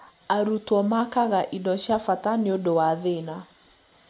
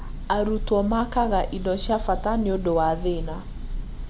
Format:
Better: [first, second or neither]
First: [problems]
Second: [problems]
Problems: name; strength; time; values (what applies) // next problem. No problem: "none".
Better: first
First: none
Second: background sound (Bird / Breathing); 5 dB below the speech